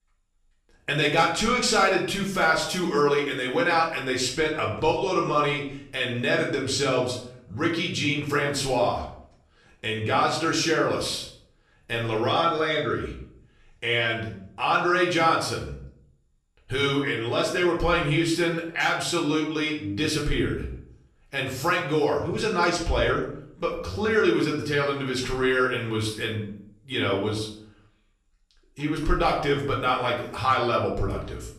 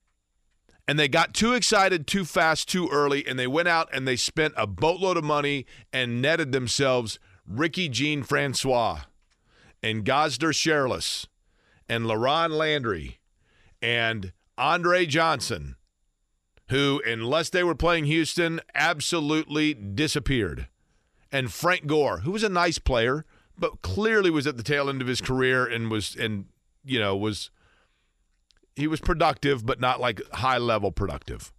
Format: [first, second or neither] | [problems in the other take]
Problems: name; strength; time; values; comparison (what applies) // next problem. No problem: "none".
second | room echo; noticeable; dies away in 0.5 s // off-mic speech; far